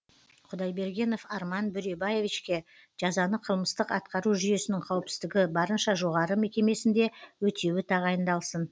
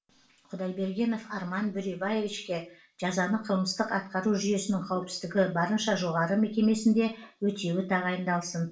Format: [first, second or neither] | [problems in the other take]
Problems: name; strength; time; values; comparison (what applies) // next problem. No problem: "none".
first | room echo; dies away in 0.3 s